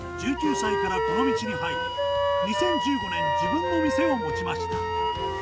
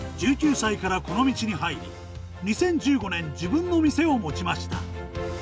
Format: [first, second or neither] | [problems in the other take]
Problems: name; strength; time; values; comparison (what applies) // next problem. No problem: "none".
second | background sound (Wind instrument, woodwind instrument + Wind instrument, woodwind instrument); 3 dB above the speech